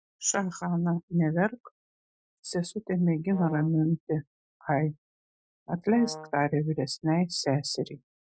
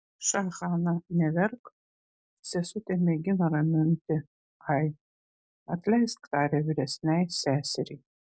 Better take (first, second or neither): second